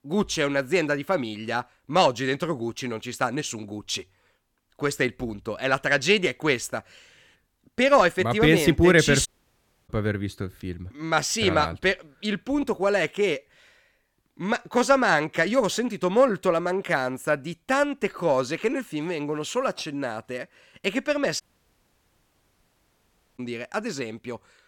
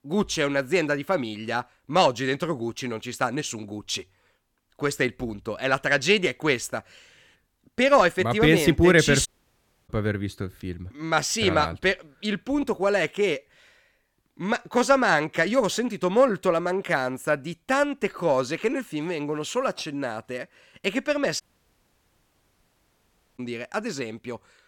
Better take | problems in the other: neither | audio cutting out; at 9.5 s for 0.5 s and at 21 s for 2 s; the same in both

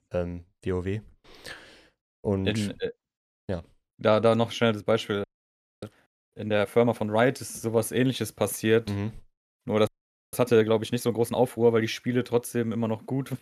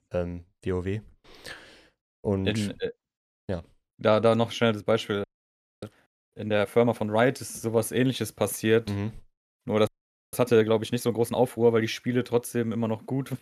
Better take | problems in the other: neither | audio freezing; at 5 s for 0.5 s and at 10 s; the same in both

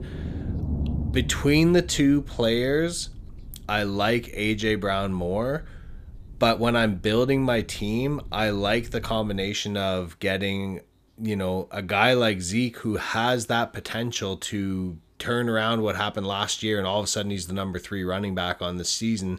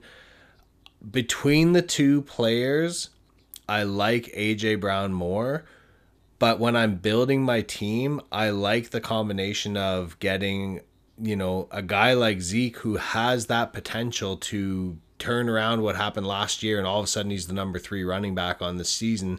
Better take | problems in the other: second | low rumble; faint; until 9.5 s; 20 dB below the speech

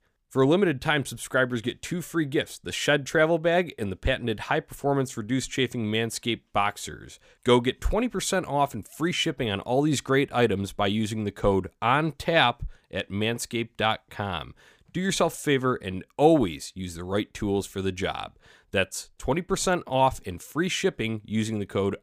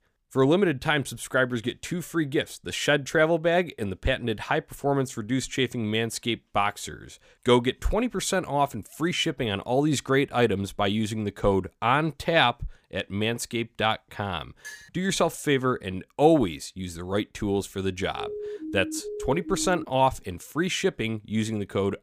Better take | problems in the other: first | clattering dishes; faint; at 15 s; peak 15 dB below the speech // siren; noticeable; from 18 to 20 s; peak 9 dB below the speech

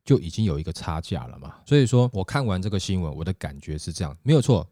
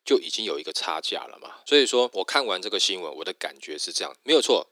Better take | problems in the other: first | thin; very; fading below 350 Hz

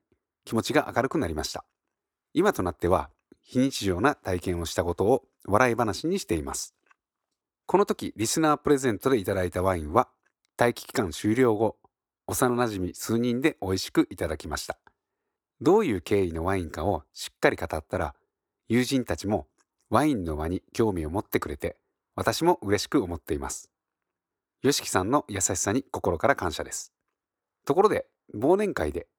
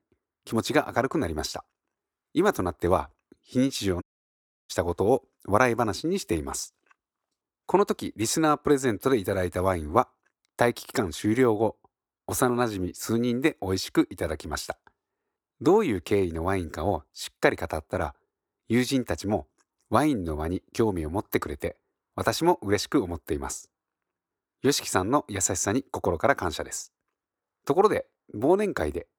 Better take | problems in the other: first | audio cutting out; at 4 s for 0.5 s

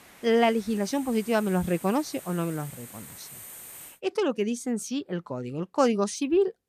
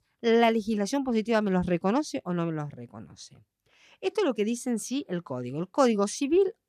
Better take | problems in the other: second | hiss; noticeable; until 4 s; 15 dB below the speech

